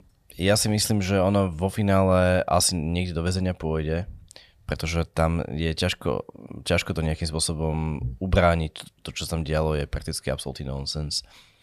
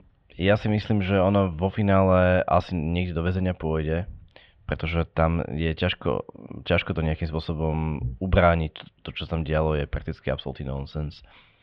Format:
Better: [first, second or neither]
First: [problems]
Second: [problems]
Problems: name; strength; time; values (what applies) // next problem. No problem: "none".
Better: first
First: none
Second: muffled; very; fading above 3 kHz